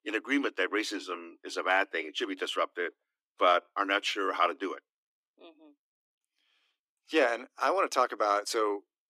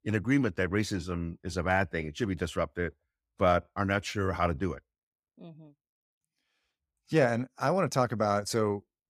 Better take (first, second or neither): second